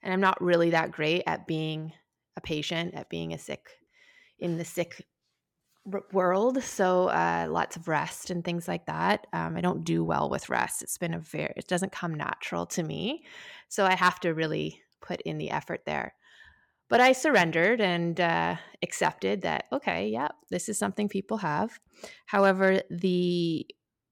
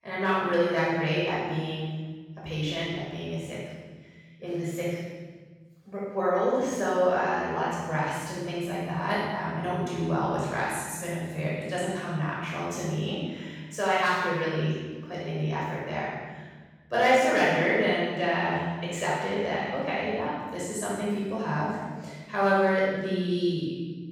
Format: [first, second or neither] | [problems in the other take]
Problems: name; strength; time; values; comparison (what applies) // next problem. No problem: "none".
first | room echo; strong; dies away in 1.4 s // off-mic speech; far